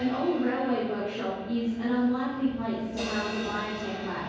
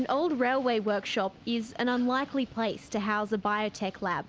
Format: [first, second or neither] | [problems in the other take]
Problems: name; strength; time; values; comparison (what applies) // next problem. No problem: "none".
second | background sound (Crash cymbal); 12 dB below the speech // room echo; dies away in 1.3 s